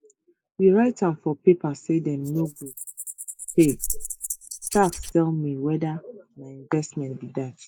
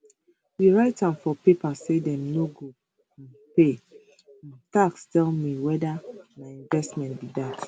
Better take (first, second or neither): second